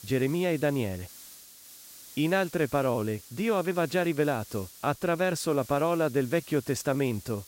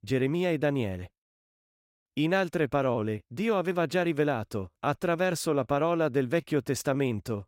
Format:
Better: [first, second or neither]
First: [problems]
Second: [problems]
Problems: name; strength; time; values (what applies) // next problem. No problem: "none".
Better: second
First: hiss; noticeable; throughout; 20 dB below the speech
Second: none